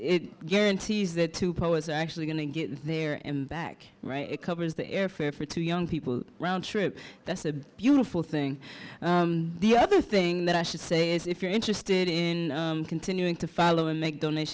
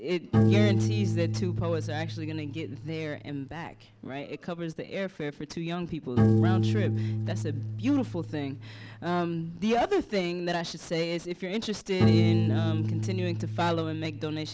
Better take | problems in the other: first | background sound (Piano); 2 dB above the speech

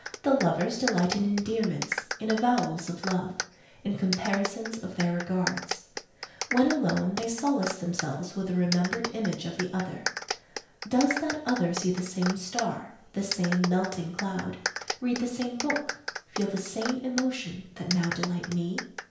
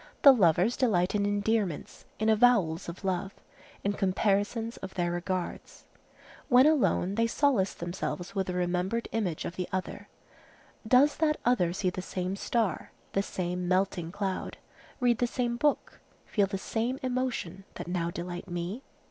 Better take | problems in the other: second | background sound (Clapping); 8 dB below the speech // room echo; dies away in 0.5 s

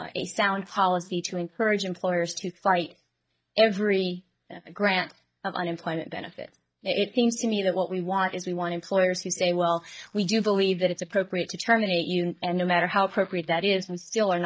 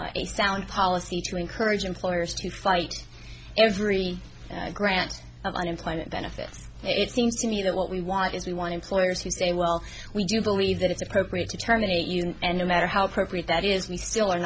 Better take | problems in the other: second | noise reduction (neural mask model DeepFilterNet 3)

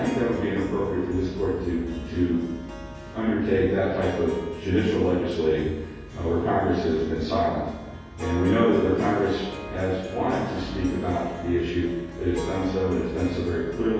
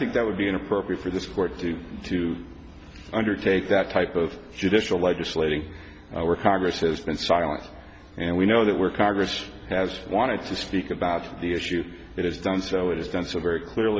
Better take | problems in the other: second | background sound (Harp); 16 dB below the speech // room echo; dies away in 1.3 s

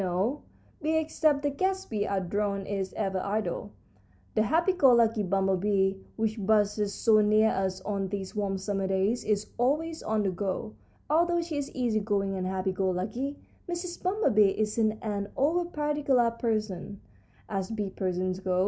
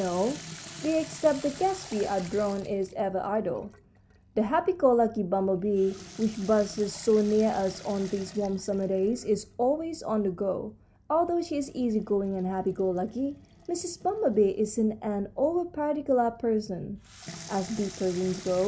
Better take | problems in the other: first | background sound (Sink (filling or washing) / Water tap, faucet); 20 dB below the speech

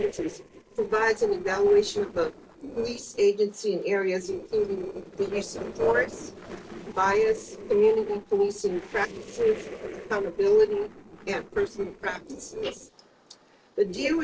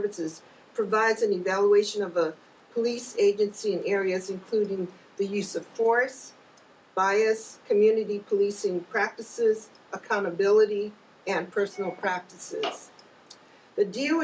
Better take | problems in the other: second | noise reduction (neural separator model SepFormer DNS4)

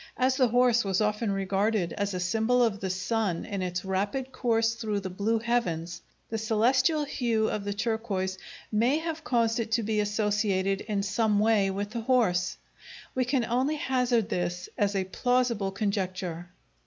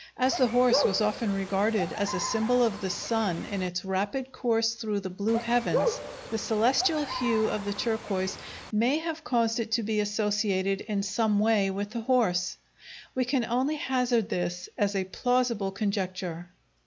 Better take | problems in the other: first | background sound (Bird); 7 dB below the speech

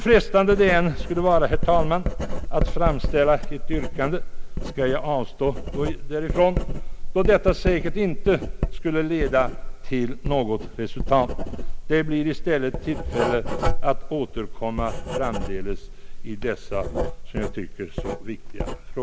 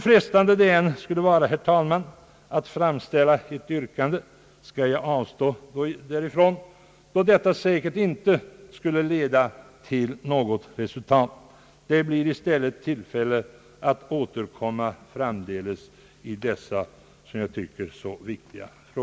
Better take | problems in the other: second | background sound (Writing); 1 dB below the speech

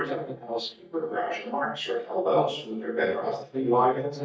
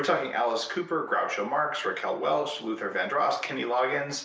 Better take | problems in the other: second | noise reduction (neural mask model DeepFilterNet 3)

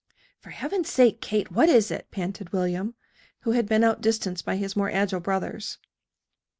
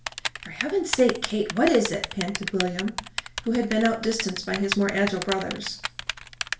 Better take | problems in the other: first | background sound (Typing); 8 dB below the speech // room echo; dies away in 0.4 s

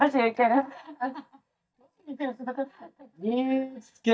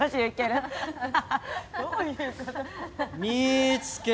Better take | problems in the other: second | noise reduction (neural mask model DeepFilterNet 3)

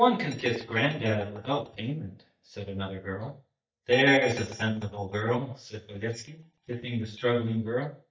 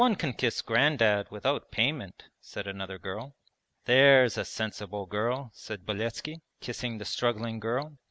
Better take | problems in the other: second | noise reduction (neural mask model DeepFilterNet 3)

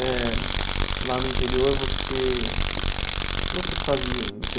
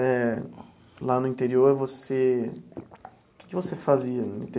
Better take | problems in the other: second | background sound (Tools); 2 dB above the speech

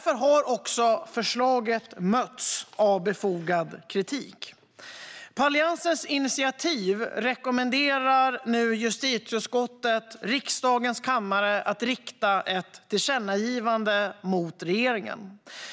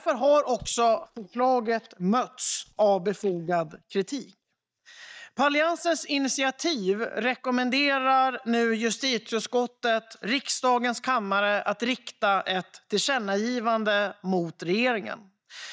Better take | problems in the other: first | noise reduction (neural mask model DeepFilterNet 3)

